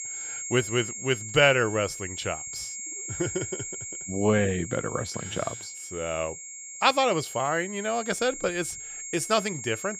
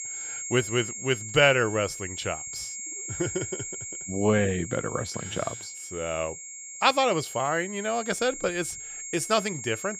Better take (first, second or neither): neither